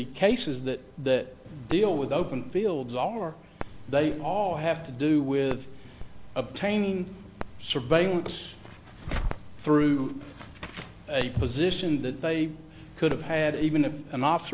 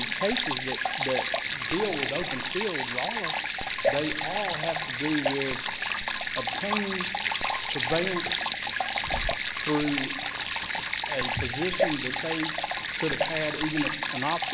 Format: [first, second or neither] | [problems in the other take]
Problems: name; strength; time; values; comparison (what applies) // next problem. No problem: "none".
first | background sound (Stream); 2 dB above the speech